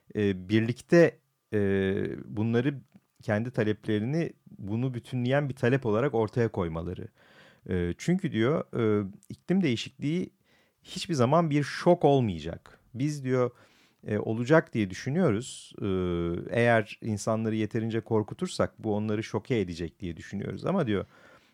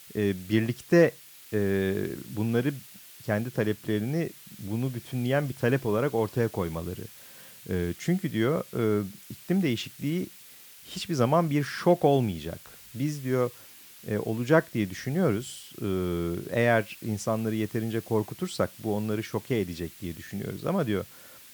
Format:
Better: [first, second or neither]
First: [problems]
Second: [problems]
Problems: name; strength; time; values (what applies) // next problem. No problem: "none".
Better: first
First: none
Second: hiss; noticeable; throughout; 20 dB below the speech